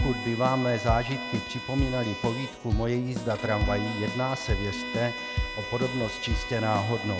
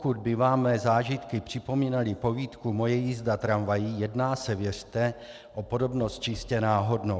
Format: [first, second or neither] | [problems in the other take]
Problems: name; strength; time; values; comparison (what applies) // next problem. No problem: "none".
second | background sound (Keyboard (musical) + Bowed string instrument); 3 dB below the speech